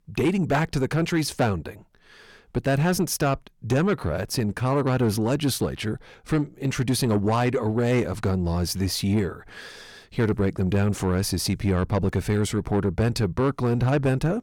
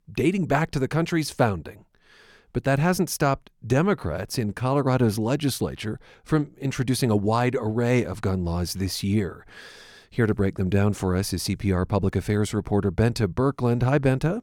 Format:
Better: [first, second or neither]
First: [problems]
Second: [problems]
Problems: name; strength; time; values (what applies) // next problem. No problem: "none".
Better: second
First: distortion; slight; 10 dB below the speech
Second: none